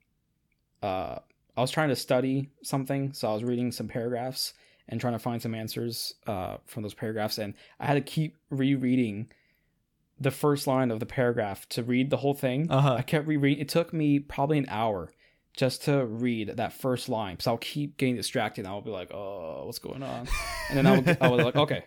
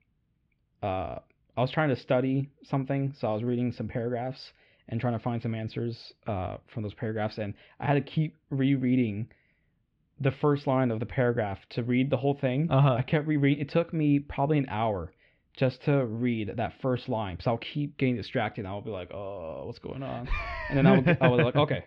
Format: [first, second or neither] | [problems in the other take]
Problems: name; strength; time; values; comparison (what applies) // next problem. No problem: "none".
first | muffled; slightly; fading above 3.5 kHz